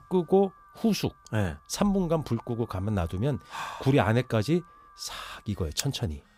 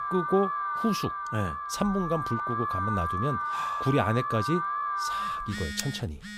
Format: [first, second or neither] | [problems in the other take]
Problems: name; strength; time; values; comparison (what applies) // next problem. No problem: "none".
first | alarms or sirens; loud; throughout; 1 dB below the speech; faint in the first